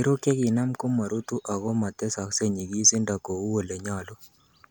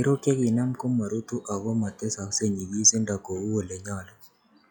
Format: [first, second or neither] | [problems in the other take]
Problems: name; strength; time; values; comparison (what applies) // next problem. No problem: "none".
first | noise reduction (classical method log-MMSE)